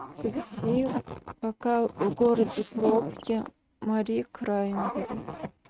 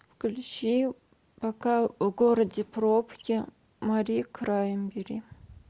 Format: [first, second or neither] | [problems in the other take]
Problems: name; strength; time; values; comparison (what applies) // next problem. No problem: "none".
second | noise reduction (neural mask model RNNoise)